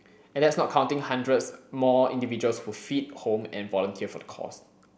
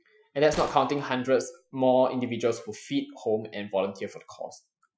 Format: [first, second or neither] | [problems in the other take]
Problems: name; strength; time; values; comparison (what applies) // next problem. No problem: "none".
first | noise reduction (classical method Wiener filter)